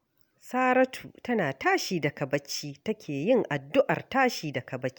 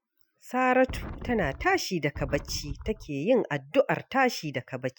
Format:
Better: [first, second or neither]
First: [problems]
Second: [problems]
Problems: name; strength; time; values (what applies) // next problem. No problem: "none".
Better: first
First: none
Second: noise reduction (classical method Wiener filter)